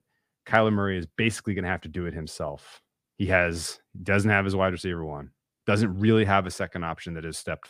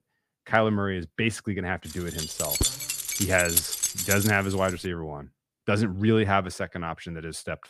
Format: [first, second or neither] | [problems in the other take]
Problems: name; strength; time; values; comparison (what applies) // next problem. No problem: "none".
first | jangling keys; loud; from 2 to 4.5 s; peak 4 dB above the speech